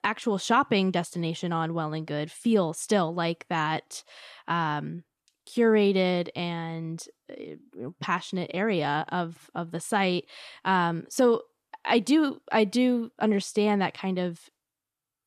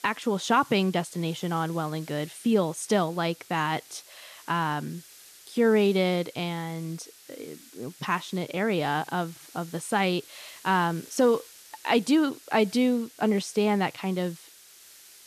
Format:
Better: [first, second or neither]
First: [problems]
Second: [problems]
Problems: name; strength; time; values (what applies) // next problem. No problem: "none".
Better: first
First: none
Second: hiss; faint; throughout; 20 dB below the speech